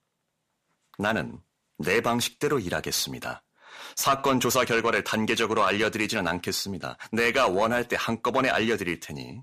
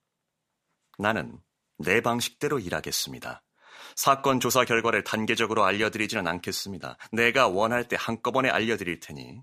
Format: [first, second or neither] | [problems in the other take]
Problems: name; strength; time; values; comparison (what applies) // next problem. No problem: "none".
second | distortion; slight; 10 dB below the speech